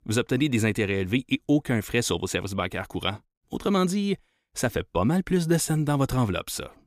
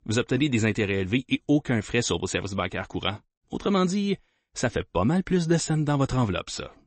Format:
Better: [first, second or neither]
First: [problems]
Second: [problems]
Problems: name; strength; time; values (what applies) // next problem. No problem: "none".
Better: first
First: none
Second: garbled, watery; slightly; nothing above 8 kHz